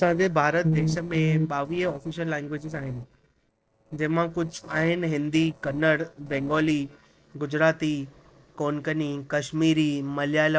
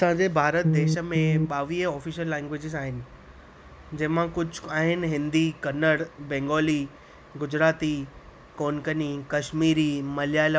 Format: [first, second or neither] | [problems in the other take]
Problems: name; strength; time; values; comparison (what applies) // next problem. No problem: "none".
second | noise reduction (neural separator model SepFormer DNS4)